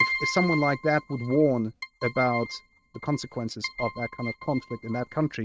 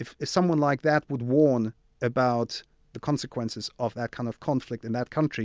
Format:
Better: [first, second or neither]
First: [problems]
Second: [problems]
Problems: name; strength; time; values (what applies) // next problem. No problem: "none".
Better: second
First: noise reduction (neural mask model RNNoise)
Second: none